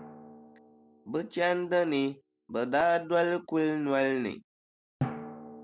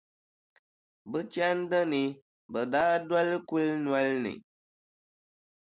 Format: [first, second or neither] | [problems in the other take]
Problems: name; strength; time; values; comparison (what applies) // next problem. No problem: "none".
second | background sound (Drum); 14 dB below the speech